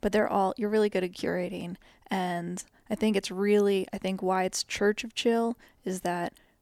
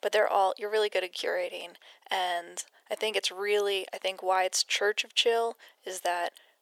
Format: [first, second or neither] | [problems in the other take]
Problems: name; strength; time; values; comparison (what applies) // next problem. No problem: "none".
first | thin; very; fading below 500 Hz